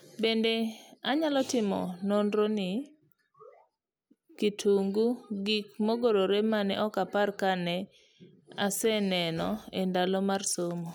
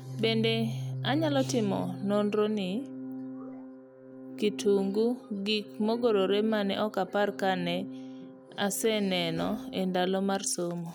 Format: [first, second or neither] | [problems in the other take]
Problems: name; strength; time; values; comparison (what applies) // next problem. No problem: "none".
first | background sound (Organ); 10 dB below the speech